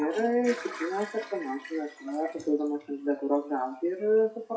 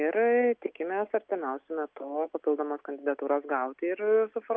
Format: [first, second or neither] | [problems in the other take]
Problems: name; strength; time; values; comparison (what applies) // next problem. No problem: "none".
second | noise reduction (classical method WPE with log-MMSE)